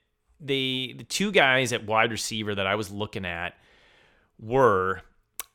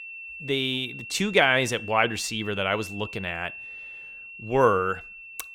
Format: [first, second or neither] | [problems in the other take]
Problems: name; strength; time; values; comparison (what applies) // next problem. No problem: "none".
first | high-pitched whine; noticeable; throughout; 2.5 kHz, 15 dB below the speech